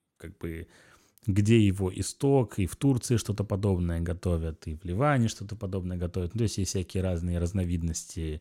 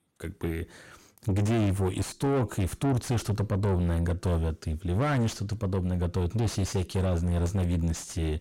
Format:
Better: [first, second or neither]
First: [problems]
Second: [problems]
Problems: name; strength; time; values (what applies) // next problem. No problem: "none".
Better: first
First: none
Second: distortion; heavy; 5 dB below the speech